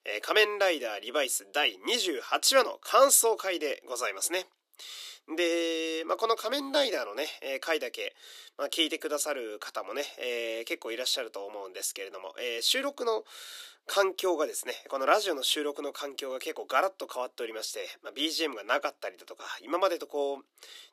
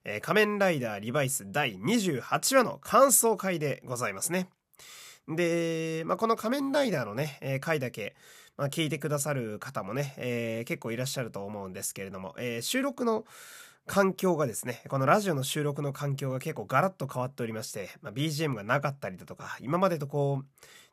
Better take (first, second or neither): second